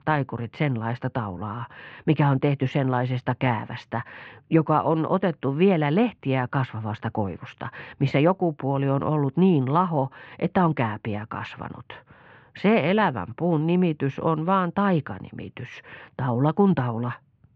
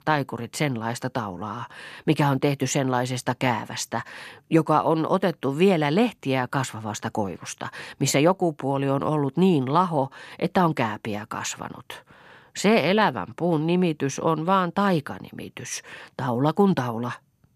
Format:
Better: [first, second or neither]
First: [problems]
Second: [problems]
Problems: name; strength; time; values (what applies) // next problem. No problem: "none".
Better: second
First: muffled; very; fading above 3 kHz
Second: none